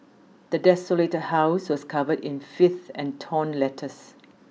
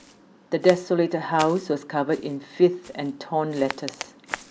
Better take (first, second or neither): first